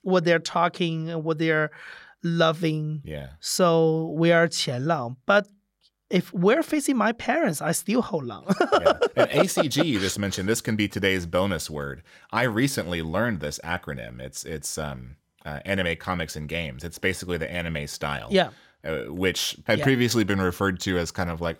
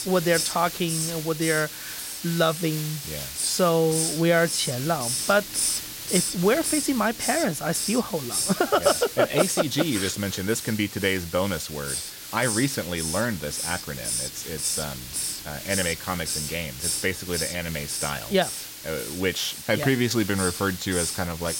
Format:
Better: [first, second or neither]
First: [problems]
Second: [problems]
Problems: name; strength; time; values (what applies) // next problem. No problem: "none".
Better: first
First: none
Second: hiss; loud; throughout; 3 dB below the speech